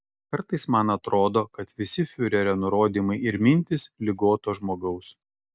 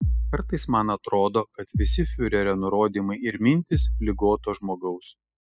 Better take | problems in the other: first | noise reduction (classical method spectral subtraction)

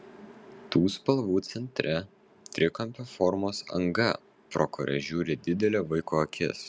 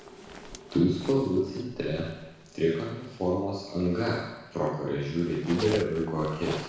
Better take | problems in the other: first | background sound (Zipper (clothing)); 15 dB below the speech // room echo; dies away in 1.1 s

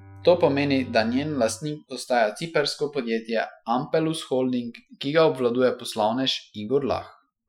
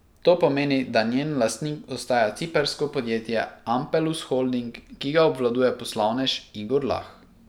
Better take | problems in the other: second | noise reduction (classical method Wiener filter)

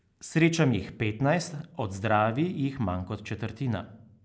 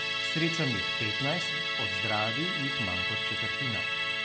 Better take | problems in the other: first | background sound (Musical instrument); 4 dB above the speech

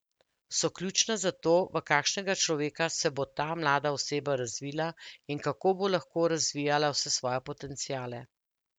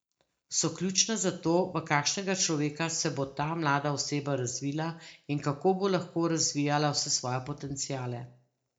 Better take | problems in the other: first | room echo; dies away in 0.3 s

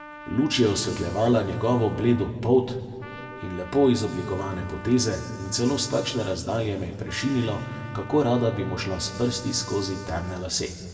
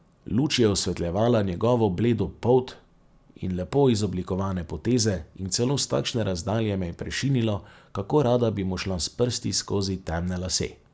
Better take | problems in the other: second | background sound (Trumpet); 17 dB below the speech // room echo; dies away in 1.7 s

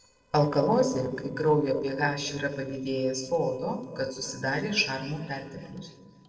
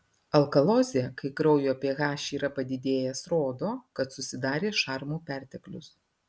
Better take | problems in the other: second | noise reduction (neural separator model SepFormer DNS4)

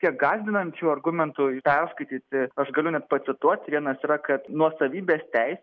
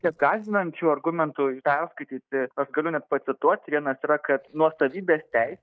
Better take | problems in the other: first | noise reduction (neural mask model DeepFilterNet 3)

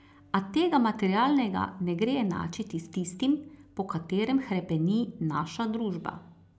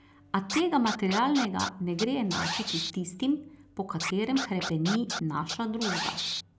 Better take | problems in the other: first | background sound (Scratching (performance technique)); 6 dB below the speech

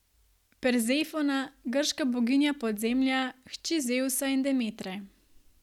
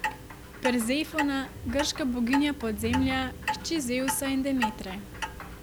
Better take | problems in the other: first | background sound (Clock); 6 dB below the speech

